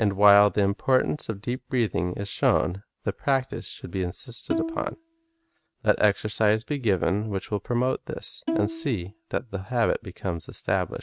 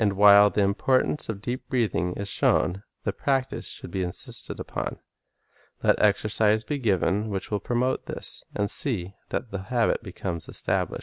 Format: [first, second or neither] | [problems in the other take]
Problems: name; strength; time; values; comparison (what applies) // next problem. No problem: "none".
second | noise reduction (neural mask model RNNoise)